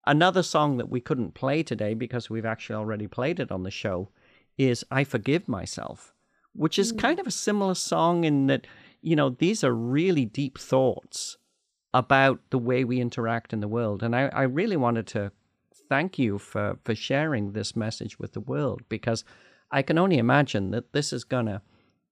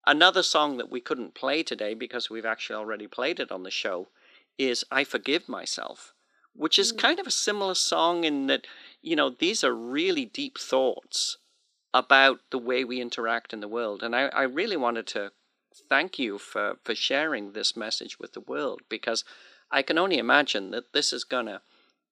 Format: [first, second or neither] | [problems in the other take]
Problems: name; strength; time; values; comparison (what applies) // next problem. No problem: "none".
first | thin; somewhat; fading below 300 Hz